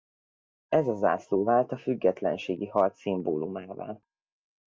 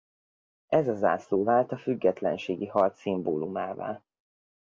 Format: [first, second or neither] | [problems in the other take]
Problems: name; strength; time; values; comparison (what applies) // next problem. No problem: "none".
second | noise reduction (neural mask model DeepFilterNet 3)